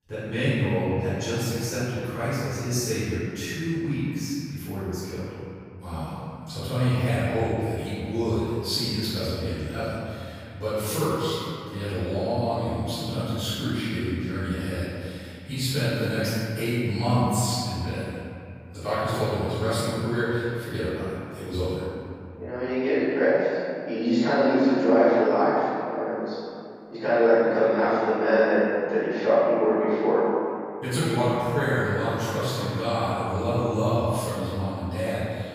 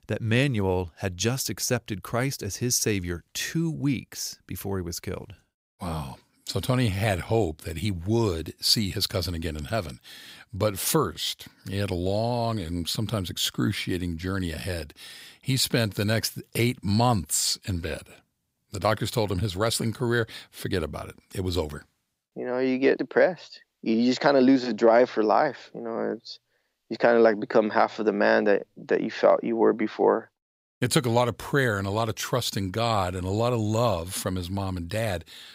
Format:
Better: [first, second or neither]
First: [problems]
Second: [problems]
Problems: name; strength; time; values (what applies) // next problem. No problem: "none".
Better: second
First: off-mic speech; far // room echo; strong; dies away in 2.4 s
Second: none